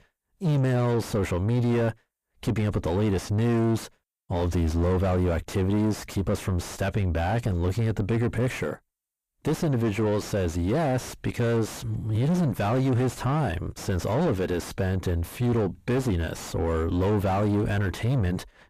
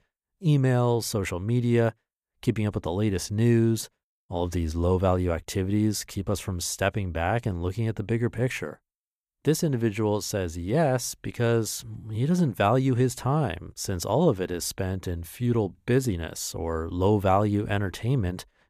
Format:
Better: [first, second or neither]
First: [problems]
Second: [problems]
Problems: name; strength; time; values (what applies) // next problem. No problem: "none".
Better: second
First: distortion; heavy; 4 dB below the speech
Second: none